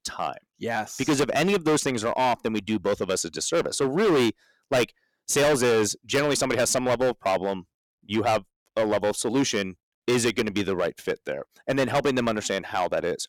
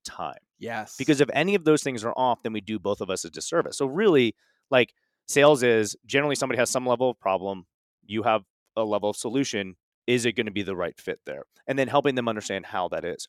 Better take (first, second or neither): second